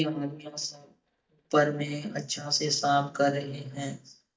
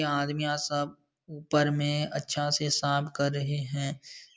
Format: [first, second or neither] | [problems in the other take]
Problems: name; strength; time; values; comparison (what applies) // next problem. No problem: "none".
second | noise reduction (neural mask model DeepFilterNet 3)